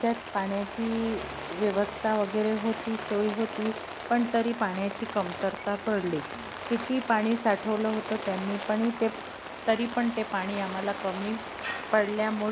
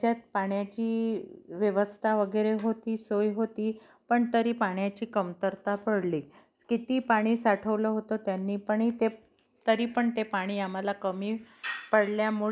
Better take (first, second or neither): second